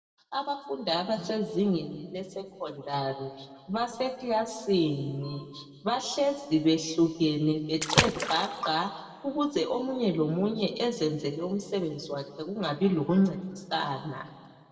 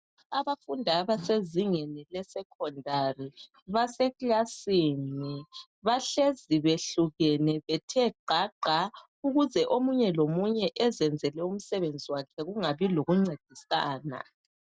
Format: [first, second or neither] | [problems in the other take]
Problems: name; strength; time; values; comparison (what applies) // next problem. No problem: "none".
second | background sound (Water / Splash, splatter); 2 dB below the speech // room echo; dies away in 1.4 s